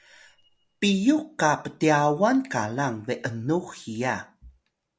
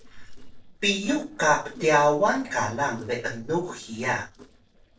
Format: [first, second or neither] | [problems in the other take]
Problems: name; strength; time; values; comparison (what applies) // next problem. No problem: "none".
first | noise reduction (neural separator model SepFormer DNS4)